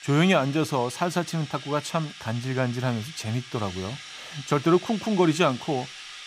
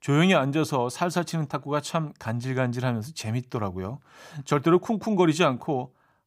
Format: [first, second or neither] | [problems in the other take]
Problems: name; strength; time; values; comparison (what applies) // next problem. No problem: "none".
second | background music; noticeable; throughout; 15 dB below the speech